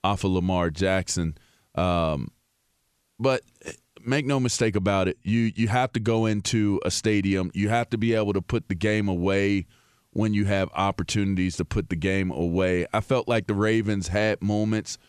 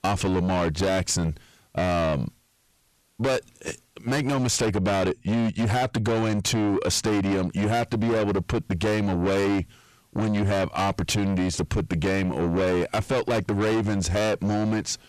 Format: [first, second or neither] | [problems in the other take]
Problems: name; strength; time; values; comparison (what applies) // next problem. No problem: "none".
first | distortion; heavy; 6 dB below the speech